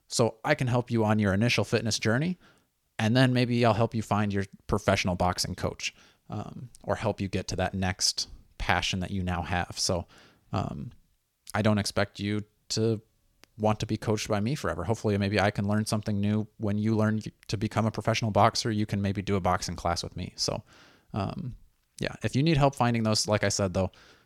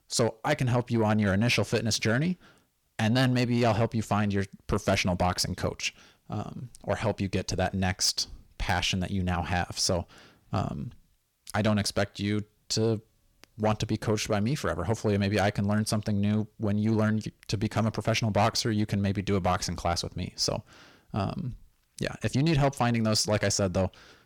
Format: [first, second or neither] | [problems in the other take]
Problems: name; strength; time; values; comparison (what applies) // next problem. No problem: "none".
first | distortion; slight; 10 dB below the speech